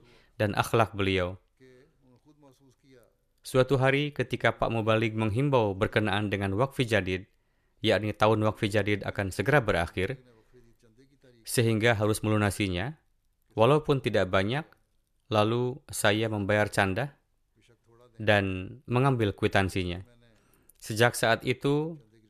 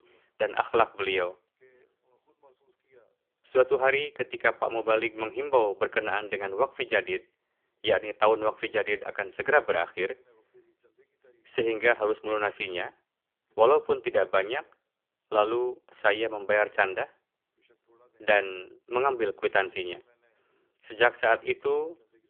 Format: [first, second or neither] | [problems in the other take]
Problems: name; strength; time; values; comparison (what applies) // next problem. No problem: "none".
first | phone-call audio; poor line; nothing above 3.5 kHz